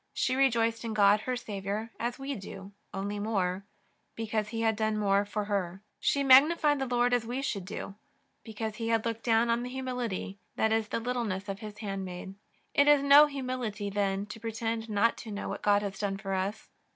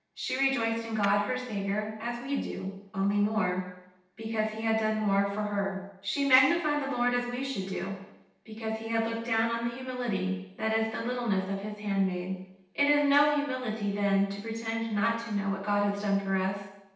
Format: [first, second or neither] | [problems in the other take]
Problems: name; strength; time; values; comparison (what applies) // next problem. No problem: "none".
first | noise reduction (neural separator model SepFormer DNS4)